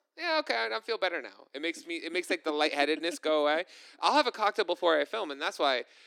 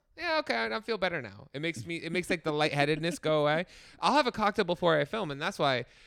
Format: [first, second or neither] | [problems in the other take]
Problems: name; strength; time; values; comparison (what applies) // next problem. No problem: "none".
second | thin; somewhat; fading below 300 Hz